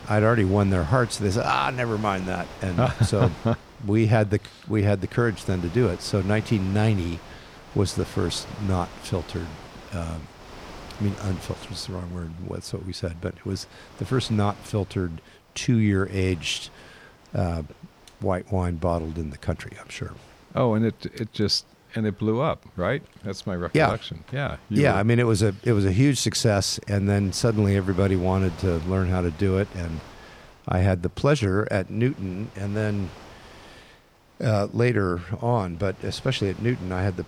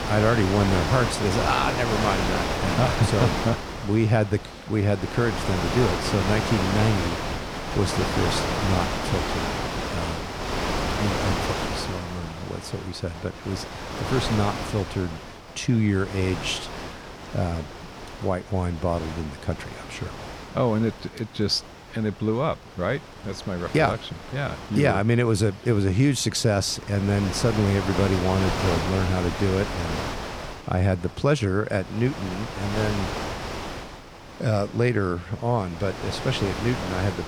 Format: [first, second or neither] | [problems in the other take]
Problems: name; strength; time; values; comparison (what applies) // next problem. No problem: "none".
first | wind noise on the microphone; heavy; 2 dB below the speech; occasional gusts in the first